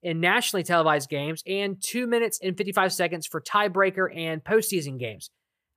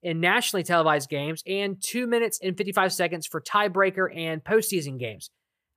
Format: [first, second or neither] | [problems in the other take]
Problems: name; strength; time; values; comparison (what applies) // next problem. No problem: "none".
neither | none